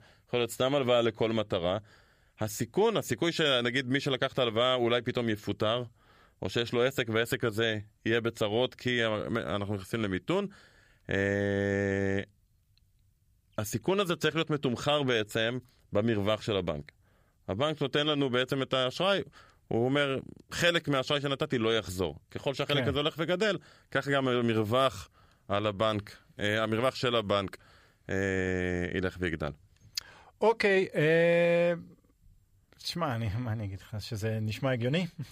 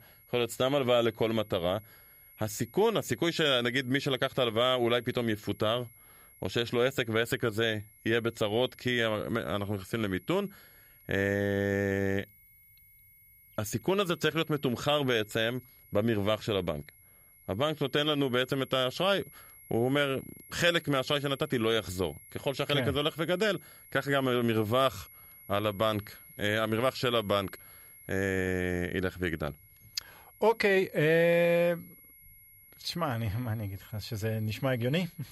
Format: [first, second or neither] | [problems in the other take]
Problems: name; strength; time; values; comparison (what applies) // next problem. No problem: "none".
first | high-pitched whine; faint; throughout; 11.5 kHz, 25 dB below the speech